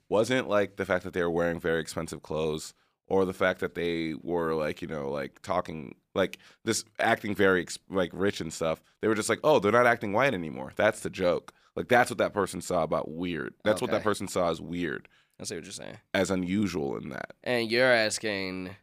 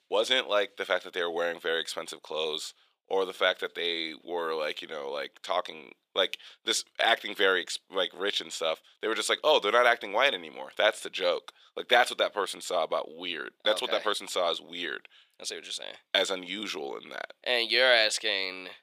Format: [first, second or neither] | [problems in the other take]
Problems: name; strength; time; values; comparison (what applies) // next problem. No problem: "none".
first | thin; somewhat; fading below 550 Hz